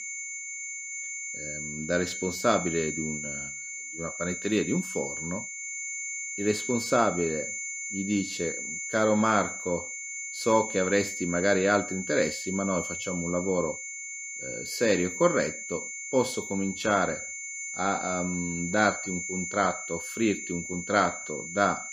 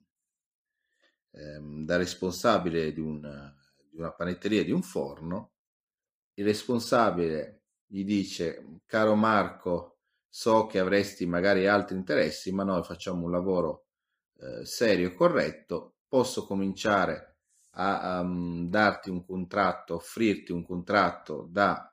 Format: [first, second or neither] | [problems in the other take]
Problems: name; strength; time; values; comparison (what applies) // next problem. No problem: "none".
second | high-pitched whine; loud; throughout; 2 kHz, 6 dB below the speech